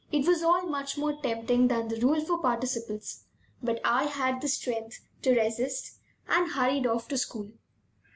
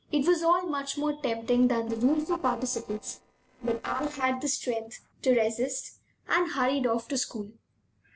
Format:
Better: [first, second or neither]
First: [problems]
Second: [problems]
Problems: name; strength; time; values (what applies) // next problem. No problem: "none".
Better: first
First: none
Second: noise reduction (neural separator model SepFormer DNS4)